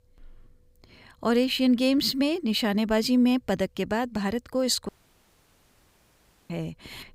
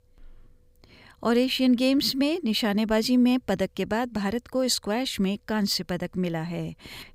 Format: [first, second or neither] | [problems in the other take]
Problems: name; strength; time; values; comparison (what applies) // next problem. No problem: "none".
second | audio cutting out; at 5 s for 1.5 s